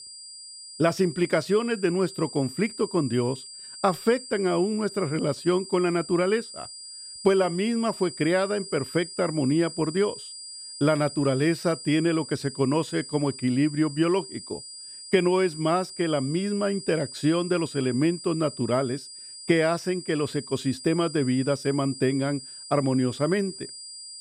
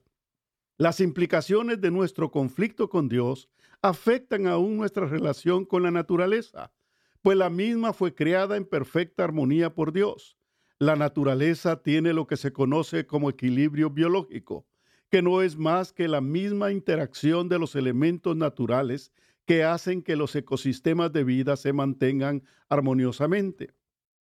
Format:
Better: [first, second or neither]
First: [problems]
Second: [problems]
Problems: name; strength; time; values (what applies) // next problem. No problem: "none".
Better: second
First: high-pitched whine; noticeable; throughout; 5 kHz, 15 dB below the speech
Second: none